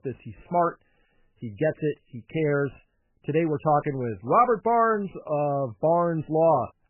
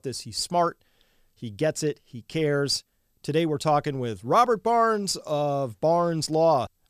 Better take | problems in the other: second | garbled, watery; badly; nothing above 3 kHz

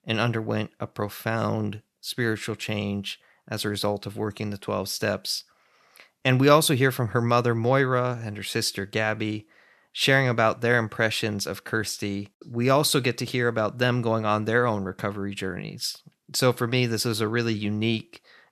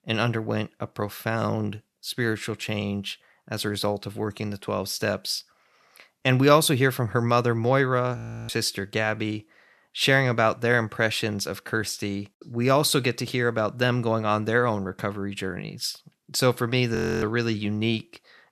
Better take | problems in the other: first | audio freezing; at 8 s and at 17 s

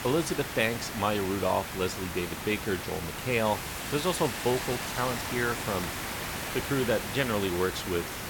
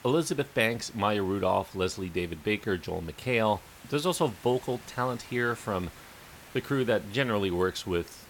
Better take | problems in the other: second | hiss; loud; throughout; 4 dB below the speech; faint in the second

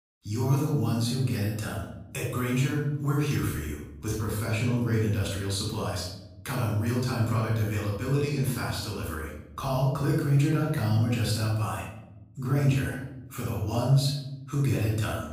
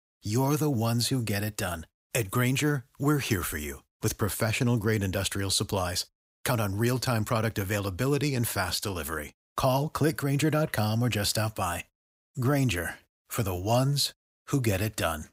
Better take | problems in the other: second | off-mic speech; far // room echo; noticeable; dies away in 0.9 s

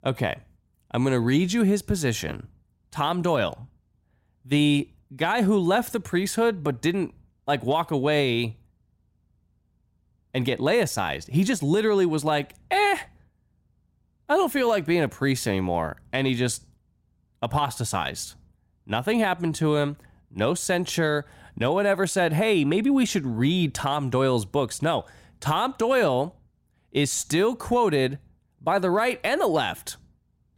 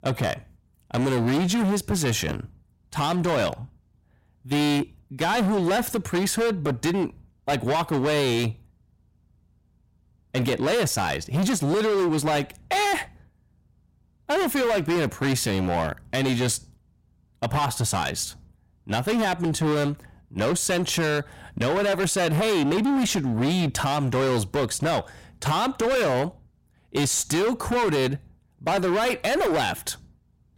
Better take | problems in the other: first | distortion; heavy; 22% of the sound clipped

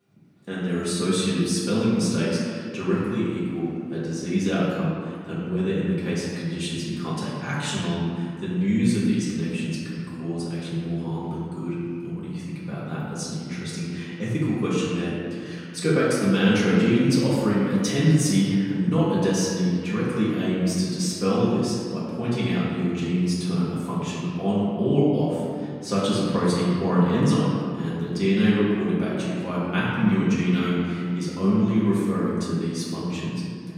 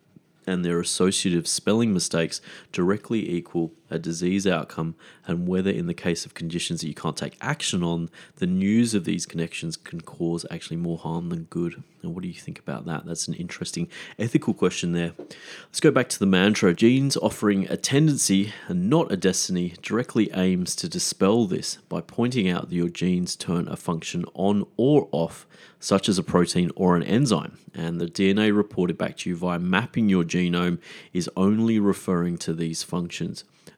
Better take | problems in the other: second | room echo; strong; dies away in 2.2 s // off-mic speech; far

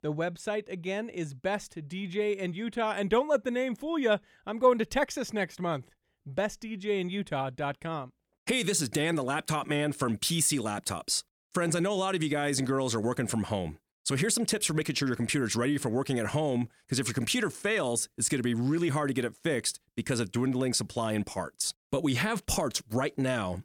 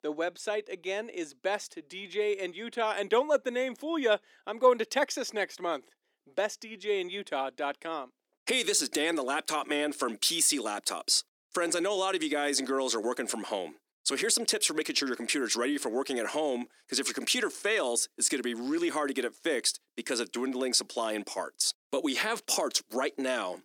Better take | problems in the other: first | thin; very slightly; fading below 300 Hz

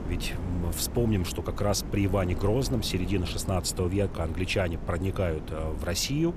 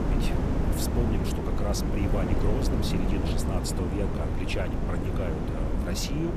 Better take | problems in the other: first | wind noise on the microphone; heavy; 1 dB above the speech; occasional gusts in the first

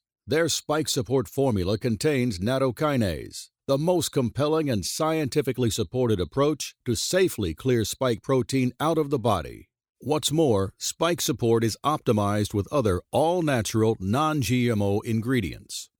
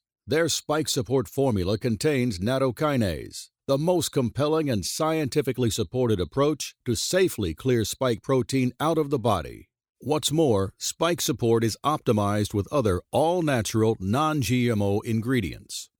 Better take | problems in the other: neither | none

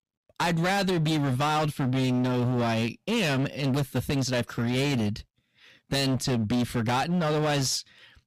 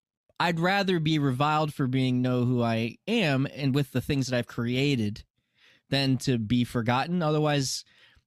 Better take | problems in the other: second | distortion; heavy; 24% of the sound clipped

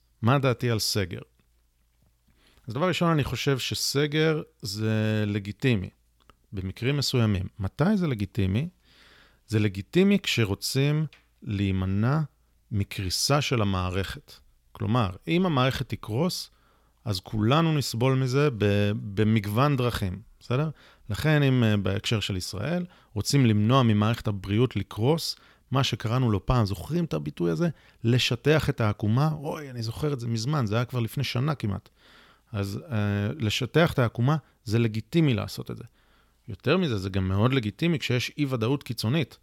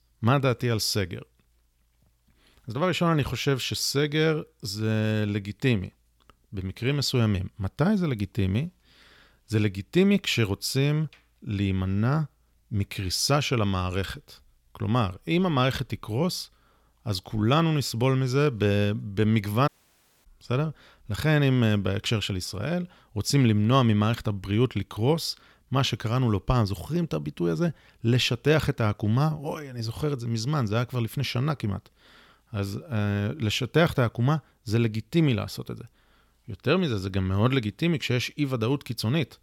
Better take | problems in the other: first | audio cutting out; at 20 s for 0.5 s

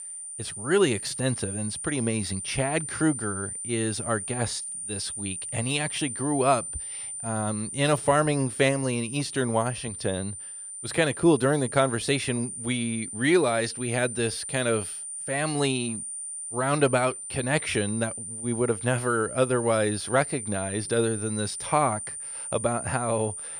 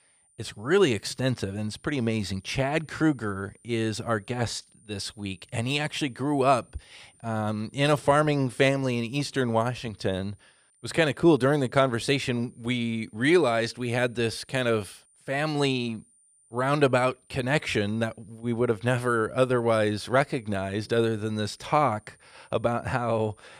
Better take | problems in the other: second | high-pitched whine; loud; throughout; 9 kHz, 7 dB below the speech; faint in the second

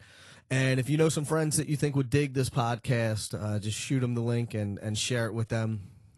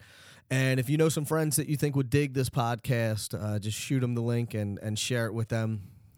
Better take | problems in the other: second | garbled, watery; slightly; nothing above 11.5 kHz

